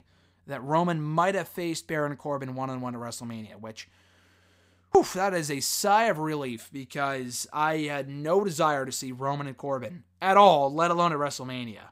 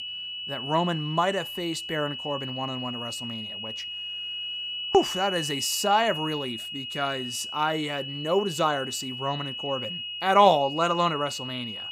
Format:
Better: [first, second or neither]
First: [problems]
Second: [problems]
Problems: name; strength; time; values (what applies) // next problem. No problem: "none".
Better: first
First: none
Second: high-pitched whine; loud; throughout; 3 kHz, 6 dB below the speech